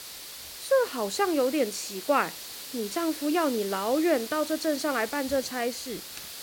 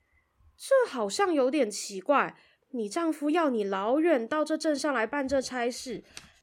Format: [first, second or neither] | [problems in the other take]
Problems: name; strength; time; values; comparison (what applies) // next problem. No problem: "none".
second | hiss; loud; throughout; 10 dB below the speech